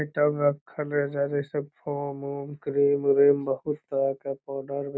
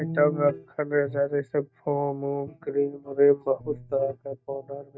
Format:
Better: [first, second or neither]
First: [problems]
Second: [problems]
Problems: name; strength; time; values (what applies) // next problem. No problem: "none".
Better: first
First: none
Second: noise reduction (neural mask model DeepFilterNet 3)